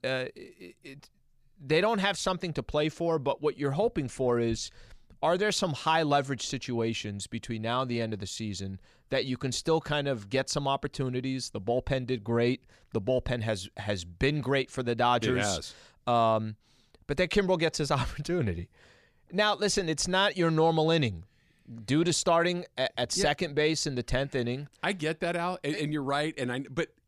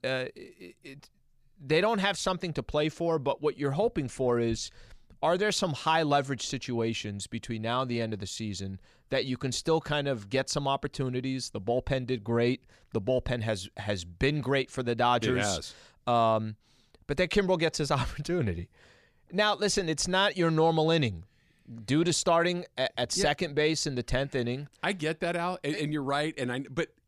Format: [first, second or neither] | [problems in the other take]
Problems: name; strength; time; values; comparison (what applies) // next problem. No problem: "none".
neither | none